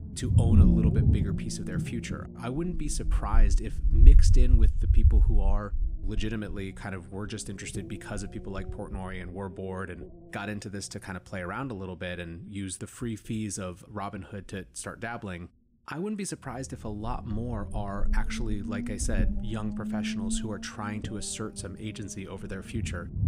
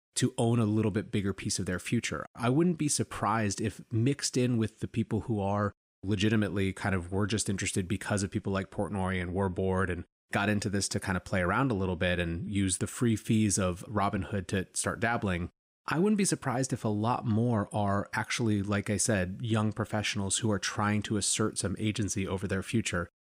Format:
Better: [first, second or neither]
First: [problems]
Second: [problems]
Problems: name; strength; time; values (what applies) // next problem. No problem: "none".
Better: second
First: low rumble; loud; throughout; 4 dB below the speech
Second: none